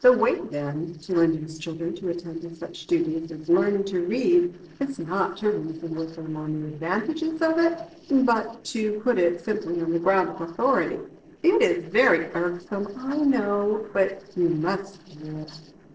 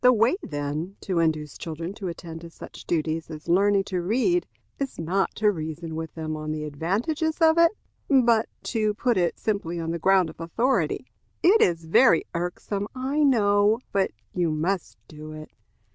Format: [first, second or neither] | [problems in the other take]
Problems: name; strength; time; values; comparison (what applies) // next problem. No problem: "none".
second | noise reduction (neural separator model SepFormer DNS4)